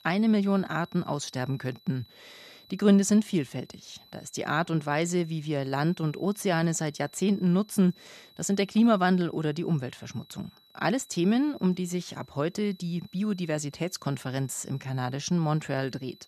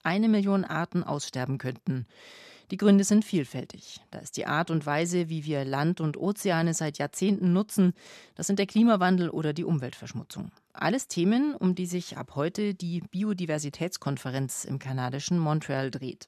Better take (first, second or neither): second